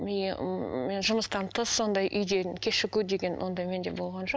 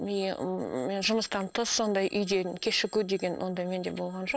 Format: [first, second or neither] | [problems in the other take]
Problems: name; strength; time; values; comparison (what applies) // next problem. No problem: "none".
first | noise reduction (neural separator model SepFormer DNS4)